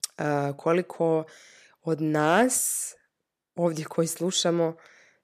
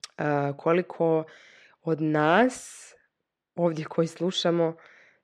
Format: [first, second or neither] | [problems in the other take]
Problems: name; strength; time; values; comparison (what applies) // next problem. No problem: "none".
first | muffled; slightly; fading above 3 kHz